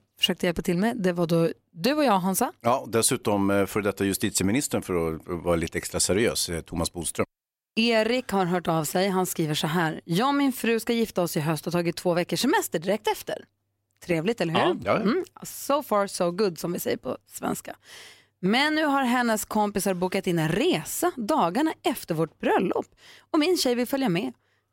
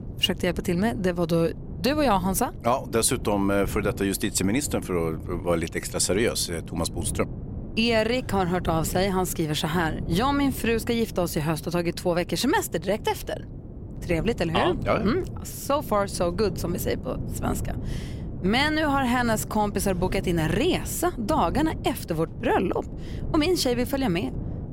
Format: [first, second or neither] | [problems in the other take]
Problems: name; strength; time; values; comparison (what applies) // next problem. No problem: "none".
first | wind noise on the microphone; occasional gusts; 20 dB below the speech